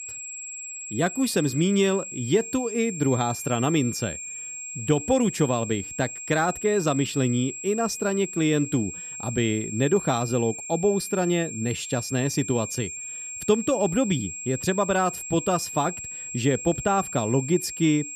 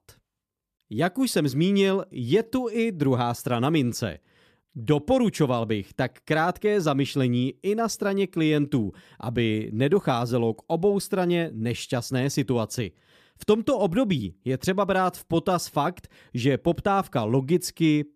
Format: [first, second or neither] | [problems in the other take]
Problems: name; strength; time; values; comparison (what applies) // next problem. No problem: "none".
second | high-pitched whine; loud; throughout; 7.5 kHz, 8 dB below the speech